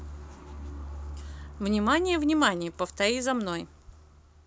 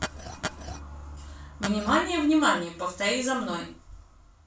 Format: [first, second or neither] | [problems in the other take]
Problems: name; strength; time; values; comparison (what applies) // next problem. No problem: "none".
first | background sound (Glass); 7 dB below the speech // room echo; dies away in 0.3 s